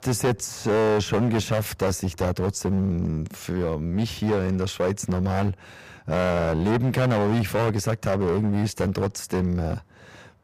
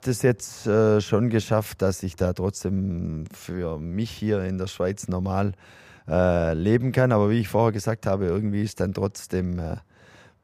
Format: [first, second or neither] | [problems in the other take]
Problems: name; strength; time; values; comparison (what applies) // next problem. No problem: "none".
second | distortion; heavy; 16% of the sound clipped